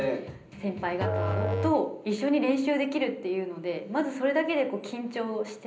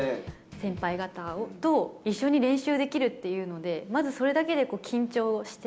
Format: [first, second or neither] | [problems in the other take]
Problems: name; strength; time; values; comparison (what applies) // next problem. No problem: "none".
second | background sound (Musical instrument); 4 dB below the speech // room echo; dies away in 0.5 s